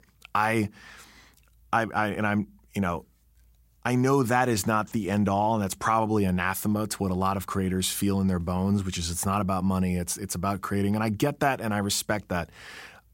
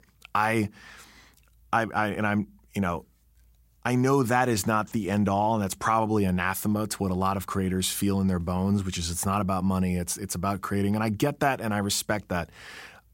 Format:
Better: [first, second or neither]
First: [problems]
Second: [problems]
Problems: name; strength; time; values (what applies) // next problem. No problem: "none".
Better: neither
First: none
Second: none